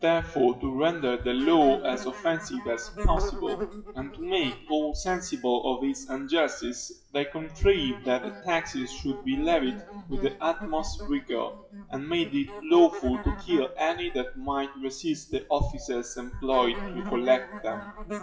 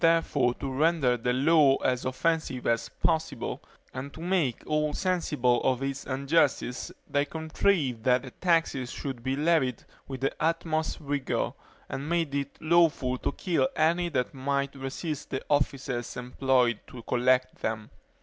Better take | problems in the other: second | noise reduction (classical method WPE with log-MMSE)

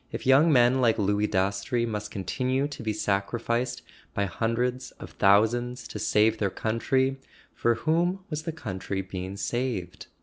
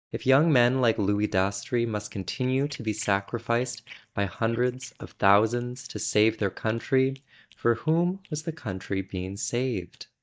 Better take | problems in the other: first | noise reduction (neural mask model DeepFilterNet 3)

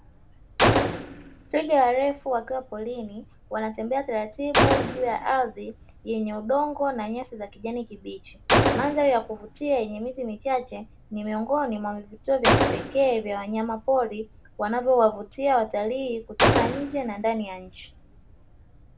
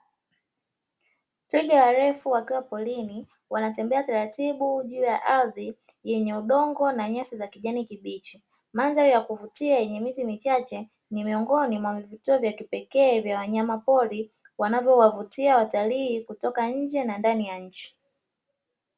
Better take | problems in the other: second | background sound (Gunshot, gunfire); 2 dB below the speech

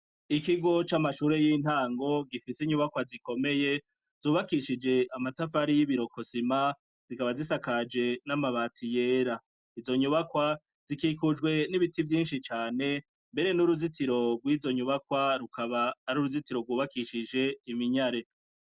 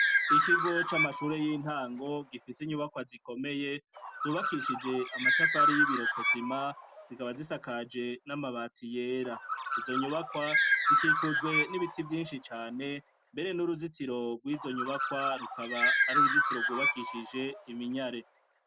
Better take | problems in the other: first | background sound (Bird); 3 dB above the speech

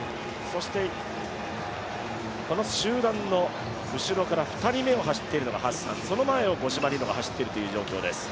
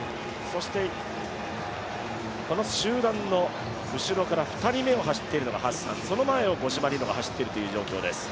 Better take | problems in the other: second | background sound (Piano); 20 dB below the speech

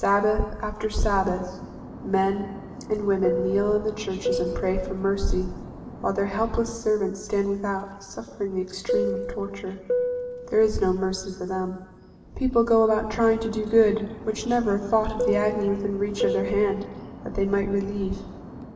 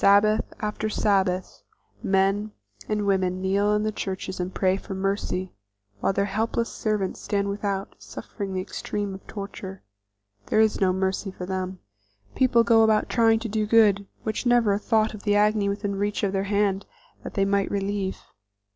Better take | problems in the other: second | background sound (Fixed-wing aircraft, airplane); 8 dB below the speech // room echo; dies away in 1.2 s

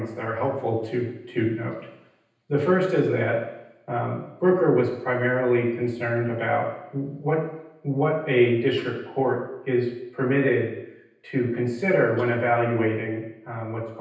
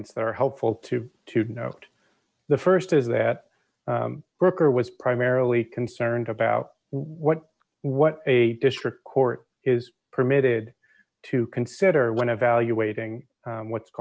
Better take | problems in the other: second | room echo; dies away in 0.9 s

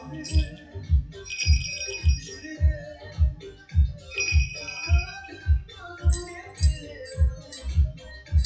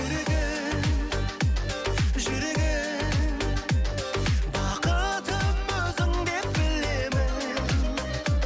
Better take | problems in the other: second | noise reduction (classical method WPE with log-MMSE)

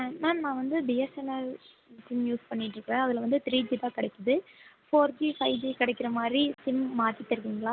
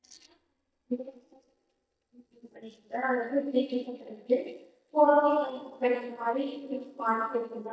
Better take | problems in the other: first | noise reduction (neural mask model DeepFilterNet 3)

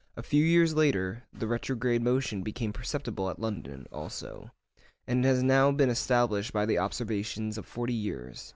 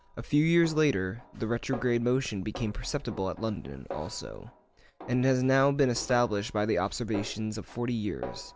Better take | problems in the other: first | background sound (Snare drum); 17 dB below the speech

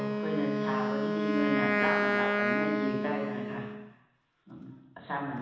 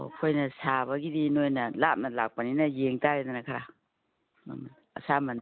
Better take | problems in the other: second | background sound (Wind instrument, woodwind instrument); 4 dB above the speech // room echo; dies away in 1.1 s

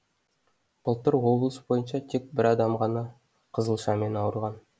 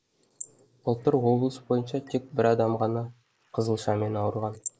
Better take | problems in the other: first | noise reduction (neural mask model Resemble Enhance denoiser)

